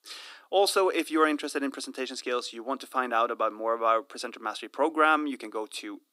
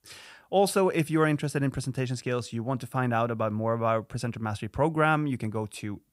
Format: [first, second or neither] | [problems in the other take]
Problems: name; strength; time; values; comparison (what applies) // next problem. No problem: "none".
second | thin; somewhat; fading below 250 Hz